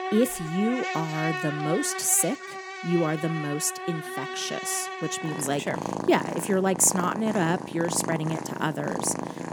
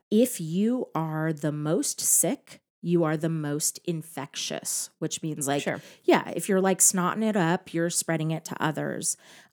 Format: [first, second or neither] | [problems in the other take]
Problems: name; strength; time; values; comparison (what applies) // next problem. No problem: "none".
second | animal sounds; loud; throughout; 7 dB below the speech